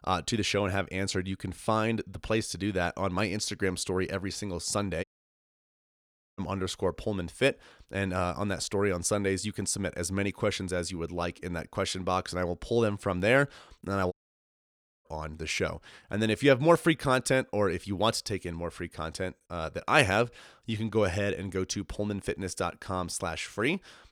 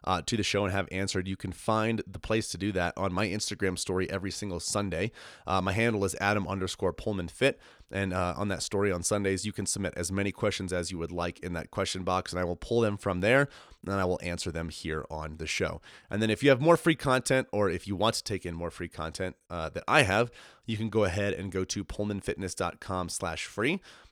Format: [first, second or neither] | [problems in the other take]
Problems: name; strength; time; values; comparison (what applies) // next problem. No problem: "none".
second | audio cutting out; at 5 s for 1.5 s and at 14 s for 1 s